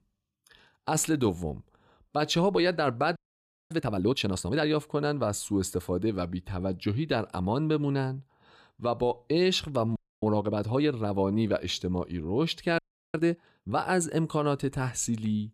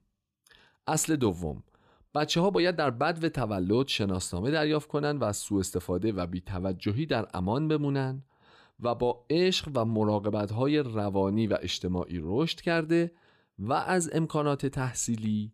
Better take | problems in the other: second | audio freezing; at 3 s for 0.5 s, at 10 s and at 13 s

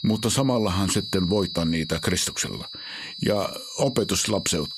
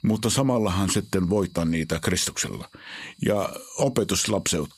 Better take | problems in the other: second | high-pitched whine; loud; throughout; 4 kHz, 10 dB below the speech; faint in the second

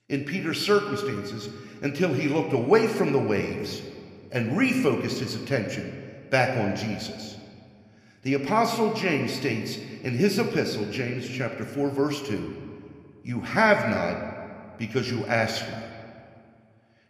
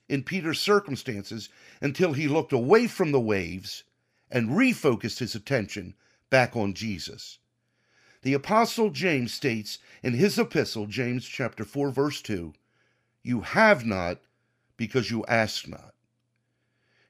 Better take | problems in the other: second | room echo; slight; dies away in 1.6 s

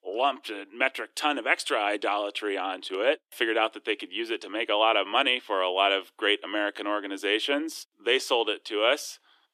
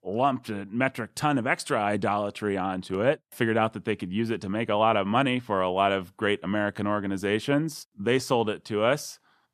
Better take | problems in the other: second | thin; somewhat; fading below 300 Hz

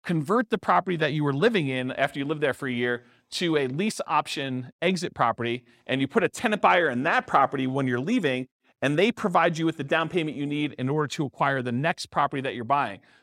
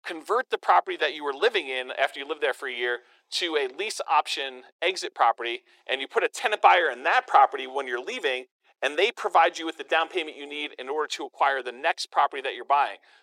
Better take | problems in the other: first | thin; very; fading below 400 Hz

